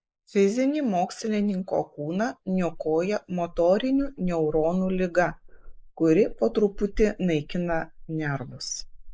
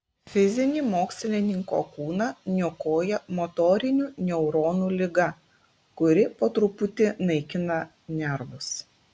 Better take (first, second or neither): second